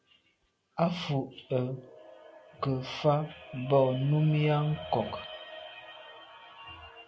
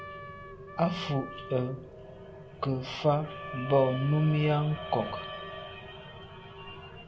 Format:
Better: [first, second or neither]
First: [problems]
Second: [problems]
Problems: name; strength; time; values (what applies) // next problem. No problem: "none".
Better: first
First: none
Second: background sound (Rain + Trumpet); 13 dB below the speech